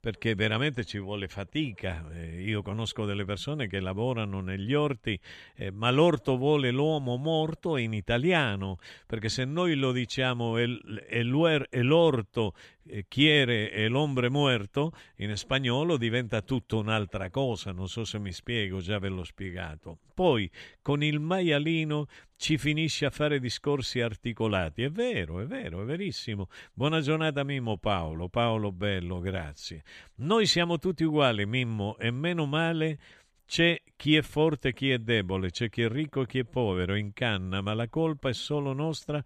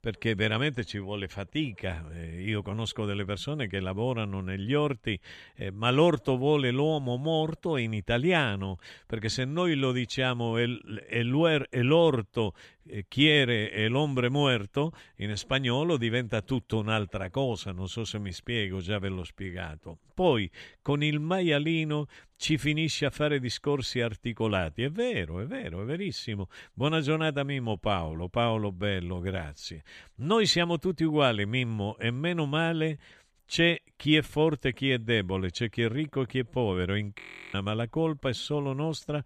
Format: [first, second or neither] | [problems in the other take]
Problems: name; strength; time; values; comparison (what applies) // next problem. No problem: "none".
first | audio freezing; at 37 s